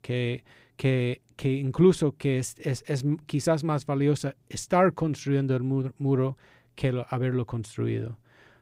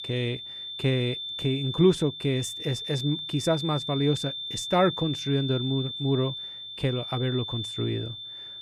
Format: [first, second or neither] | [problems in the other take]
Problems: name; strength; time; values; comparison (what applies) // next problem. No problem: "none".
first | high-pitched whine; loud; throughout; 3.5 kHz, 6 dB below the speech